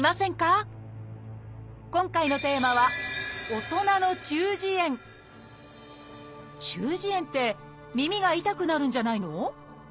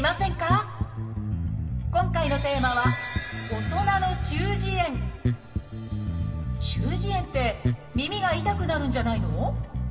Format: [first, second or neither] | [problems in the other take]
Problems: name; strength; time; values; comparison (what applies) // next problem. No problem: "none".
first | background sound (Bass guitar); 1 dB above the speech // room echo; dies away in 1.8 s